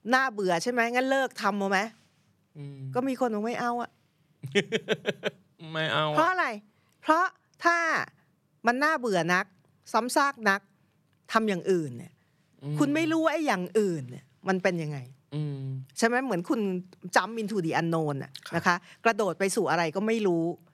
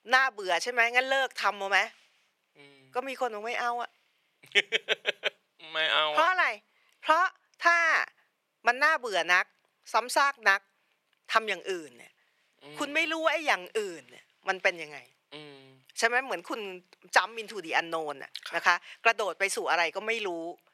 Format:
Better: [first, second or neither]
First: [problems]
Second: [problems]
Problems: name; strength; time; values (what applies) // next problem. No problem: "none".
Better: first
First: none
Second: thin; very; fading below 600 Hz